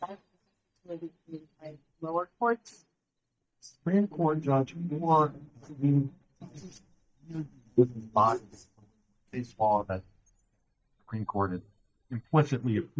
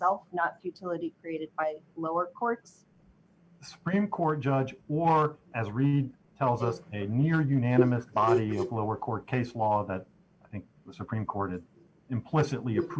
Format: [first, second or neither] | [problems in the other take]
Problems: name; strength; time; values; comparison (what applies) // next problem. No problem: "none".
second | noise reduction (neural mask model DeepFilterNet 3)